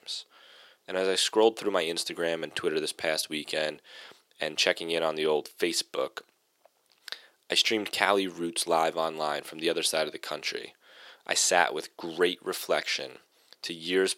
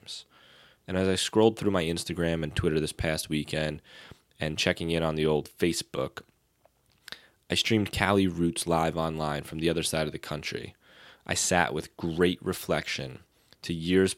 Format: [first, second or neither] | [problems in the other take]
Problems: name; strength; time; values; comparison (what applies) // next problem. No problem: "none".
second | thin; somewhat; fading below 500 Hz